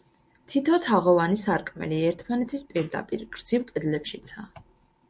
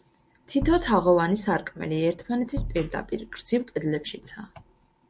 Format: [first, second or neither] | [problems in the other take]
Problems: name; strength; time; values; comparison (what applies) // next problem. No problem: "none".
first | background sound (Bass drum); 8 dB below the speech